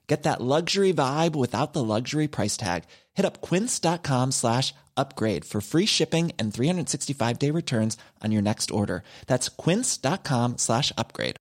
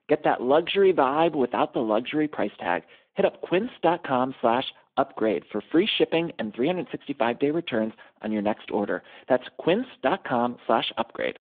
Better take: first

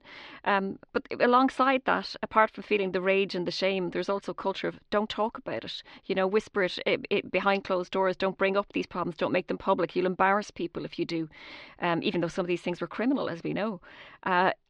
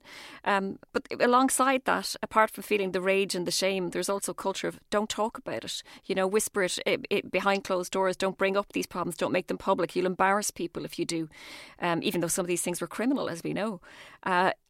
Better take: second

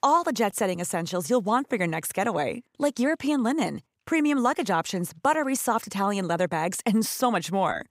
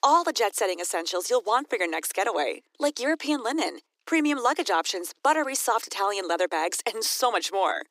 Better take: first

